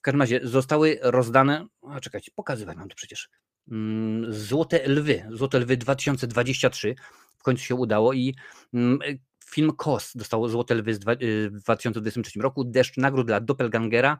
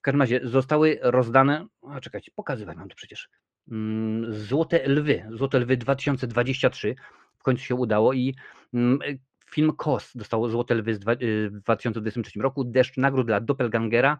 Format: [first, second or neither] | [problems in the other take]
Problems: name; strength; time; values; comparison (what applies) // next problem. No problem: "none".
first | muffled; slightly; fading above 3 kHz